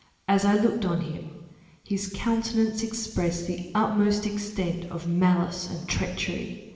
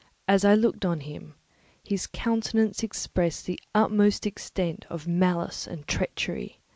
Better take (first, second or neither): second